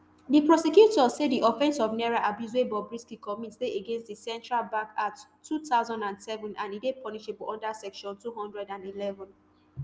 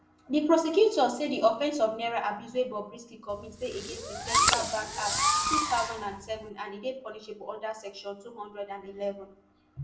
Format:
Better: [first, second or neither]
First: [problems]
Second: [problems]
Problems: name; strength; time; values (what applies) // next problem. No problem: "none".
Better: first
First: none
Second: background sound (Fireworks); 1 dB above the speech // room echo; dies away in 0.4 s